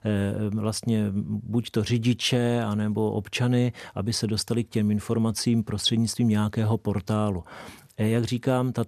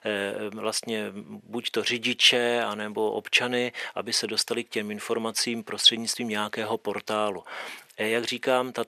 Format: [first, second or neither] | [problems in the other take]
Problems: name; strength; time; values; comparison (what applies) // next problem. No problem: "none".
first | thin; very; fading below 500 Hz